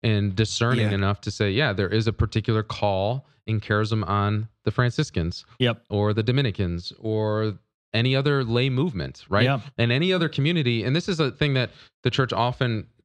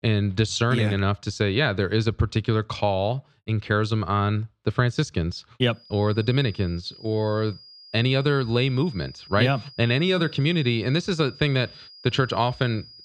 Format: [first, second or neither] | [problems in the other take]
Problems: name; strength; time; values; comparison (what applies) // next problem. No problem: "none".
first | high-pitched whine; faint; from 6 s on; 5 kHz, 20 dB below the speech